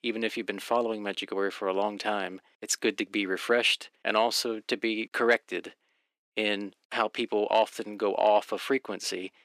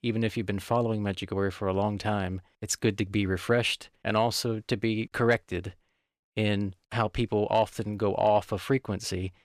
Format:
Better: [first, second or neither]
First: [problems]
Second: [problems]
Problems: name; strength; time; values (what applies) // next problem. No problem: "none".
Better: second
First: thin; somewhat; fading below 250 Hz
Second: none